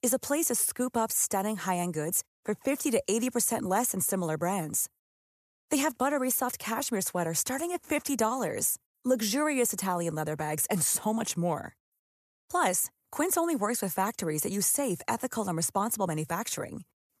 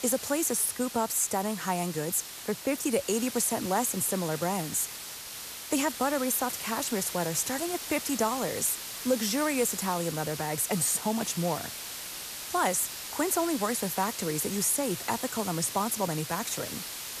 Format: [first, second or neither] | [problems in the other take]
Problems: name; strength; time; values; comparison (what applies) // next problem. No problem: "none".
first | hiss; loud; throughout; 8 dB below the speech